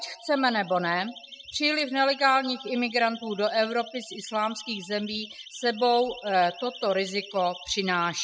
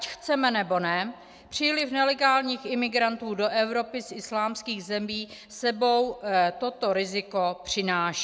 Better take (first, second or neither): second